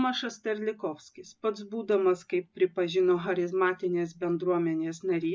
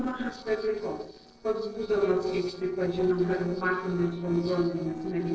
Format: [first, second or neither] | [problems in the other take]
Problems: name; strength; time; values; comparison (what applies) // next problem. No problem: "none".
first | noise reduction (neural separator model SepFormer DNS4)